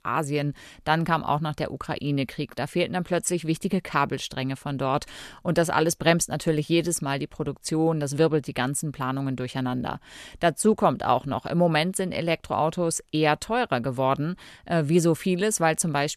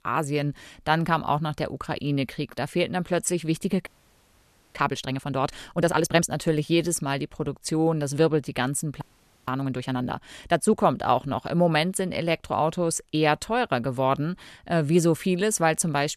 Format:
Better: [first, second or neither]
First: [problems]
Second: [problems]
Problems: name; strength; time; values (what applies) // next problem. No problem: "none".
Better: first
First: none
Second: audio freezing; at 4 s for 1 s and at 9 s